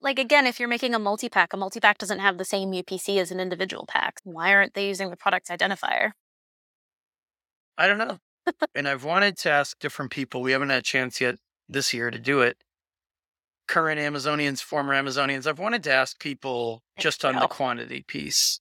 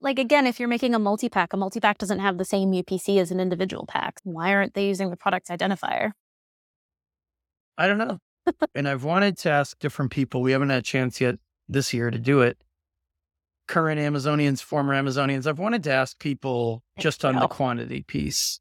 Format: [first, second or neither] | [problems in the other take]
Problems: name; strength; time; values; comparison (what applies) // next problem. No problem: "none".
second | thin; somewhat; fading below 1 kHz